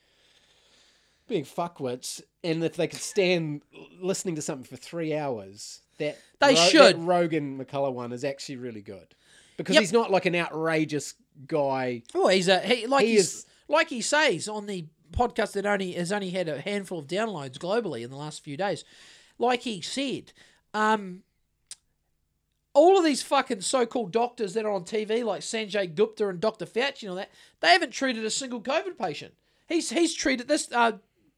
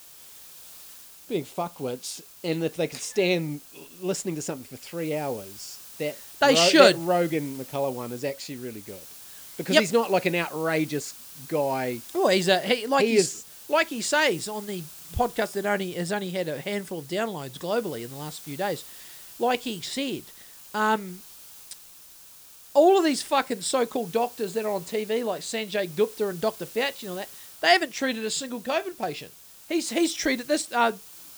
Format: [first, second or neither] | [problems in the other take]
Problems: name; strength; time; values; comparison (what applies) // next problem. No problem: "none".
first | hiss; noticeable; throughout; 15 dB below the speech